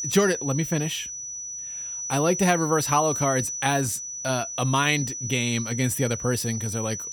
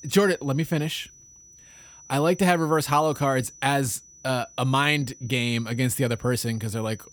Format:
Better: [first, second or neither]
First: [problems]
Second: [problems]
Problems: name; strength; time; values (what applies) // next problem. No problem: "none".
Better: second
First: high-pitched whine; loud; throughout; 6 kHz, 5 dB below the speech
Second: high-pitched whine; faint; throughout; 6 kHz, 20 dB below the speech